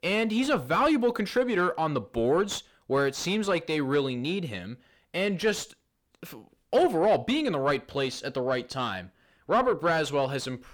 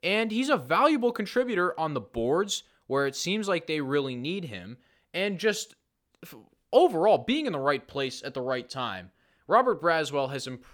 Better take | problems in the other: second | distortion; slight; 10 dB below the speech

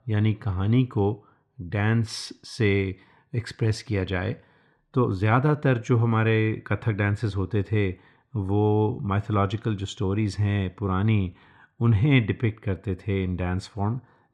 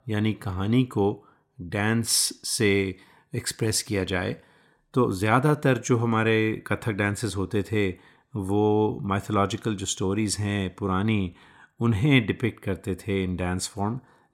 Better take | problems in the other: second | muffled; slightly; fading above 3.5 kHz

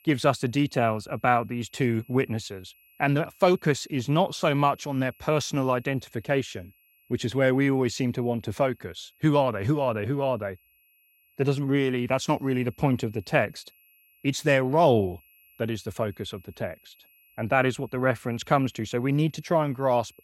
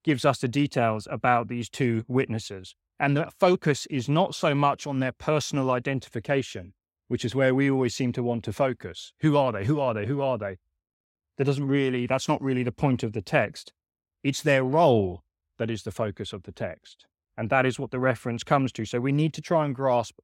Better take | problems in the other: second | high-pitched whine; faint; throughout; 2.5 kHz, 30 dB below the speech

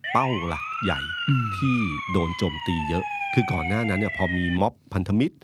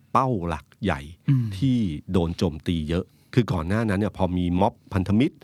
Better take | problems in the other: second | siren; noticeable; until 4.5 s; peak 1 dB below the speech

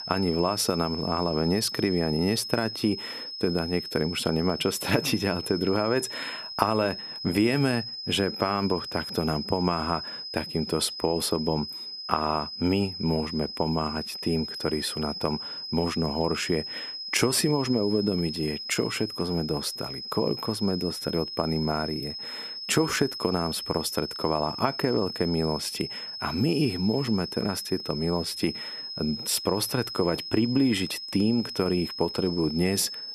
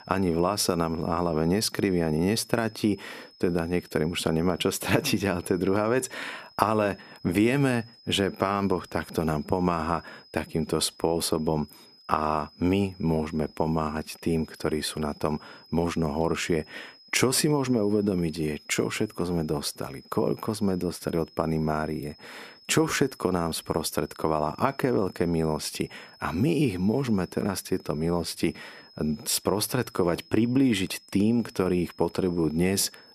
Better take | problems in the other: second | high-pitched whine; loud; throughout; 5 kHz, 7 dB below the speech; faint in the second

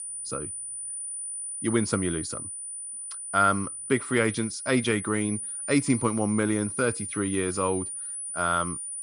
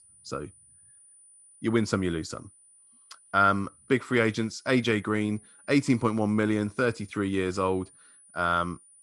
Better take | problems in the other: second | high-pitched whine; loud; throughout; 9.5 kHz, 6 dB below the speech; faint in the second

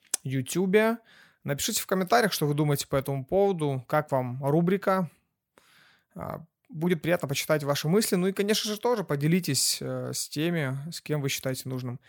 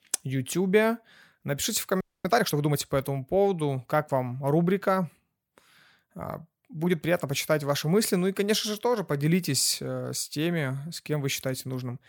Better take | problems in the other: first | audio freezing; at 2 s

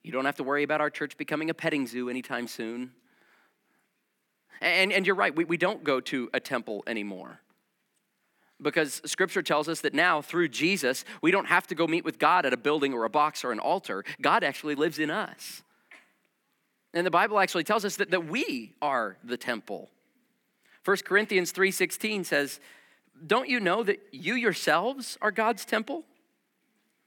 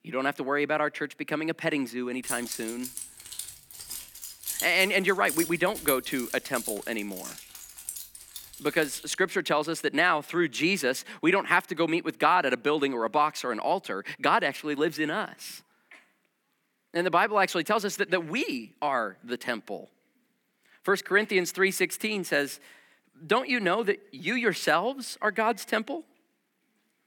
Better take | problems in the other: first | jangling keys; noticeable; from 2.5 to 9 s; peak 4 dB below the speech

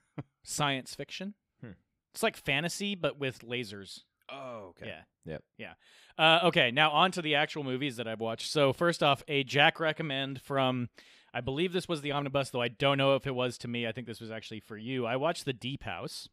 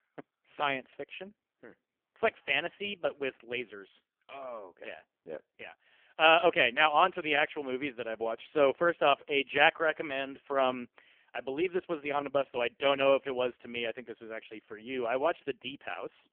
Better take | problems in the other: first | phone-call audio; poor line; nothing above 3 kHz

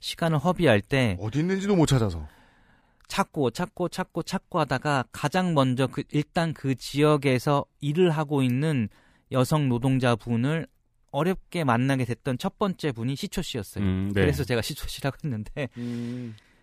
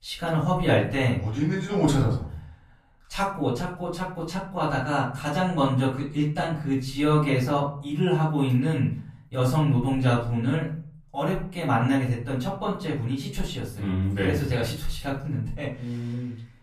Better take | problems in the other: first | room echo; slight; dies away in 0.4 s // off-mic speech; far

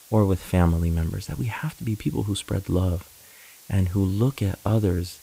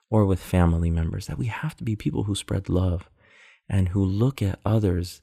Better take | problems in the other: second | hiss; faint; throughout; 20 dB below the speech

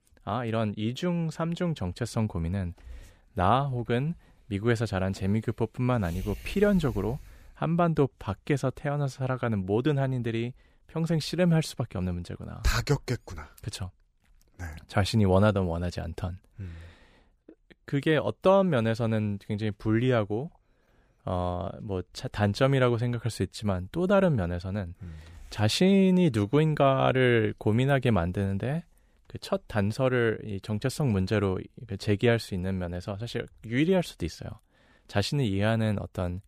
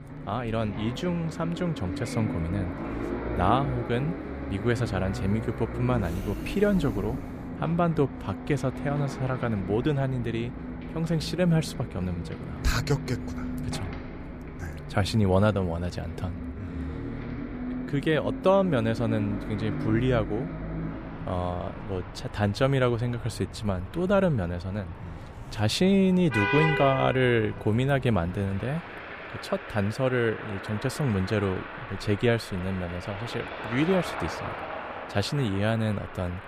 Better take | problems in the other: first | traffic noise; loud; throughout; 8 dB below the speech

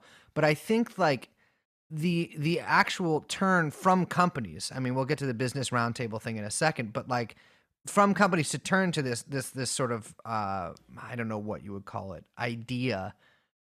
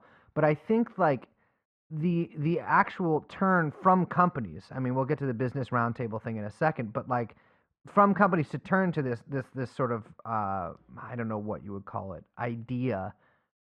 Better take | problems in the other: first | muffled; very; fading above 3.5 kHz

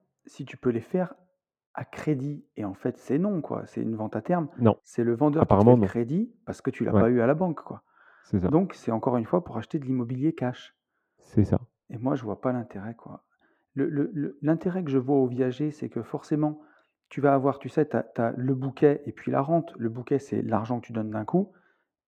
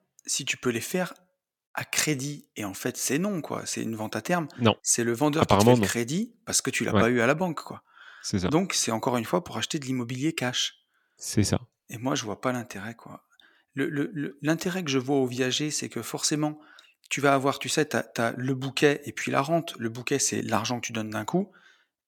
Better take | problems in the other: second | muffled; very; fading above 2 kHz

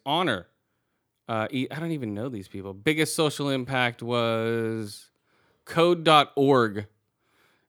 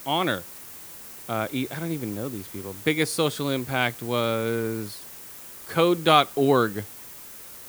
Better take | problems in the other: first | hiss; noticeable; throughout; 15 dB below the speech

